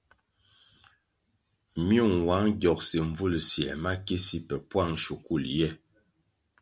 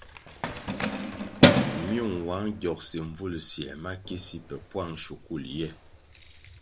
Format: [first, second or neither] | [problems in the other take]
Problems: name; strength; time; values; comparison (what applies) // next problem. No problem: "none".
first | background sound (Keys jangling); 5 dB above the speech